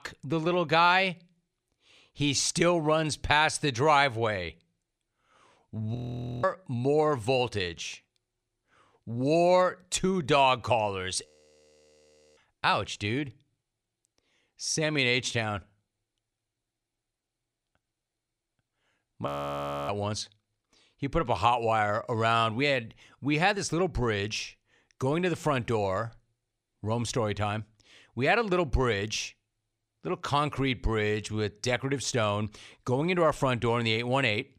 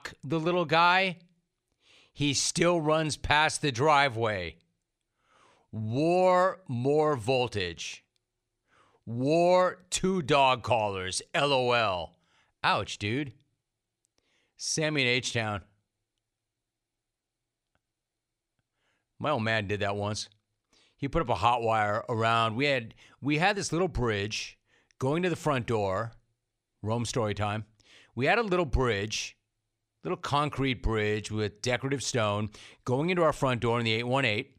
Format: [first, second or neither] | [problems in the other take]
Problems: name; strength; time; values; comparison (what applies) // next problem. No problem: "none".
second | audio freezing; at 6 s, at 11 s for 1 s and at 19 s for 0.5 s